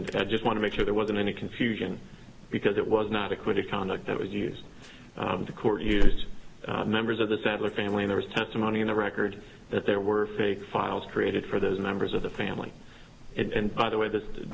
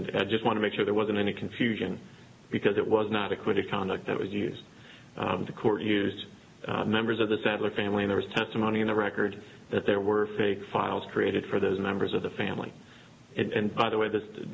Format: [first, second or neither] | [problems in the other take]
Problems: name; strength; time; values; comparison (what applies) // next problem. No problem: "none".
second | background sound (Alarm / Insect); 5 dB below the speech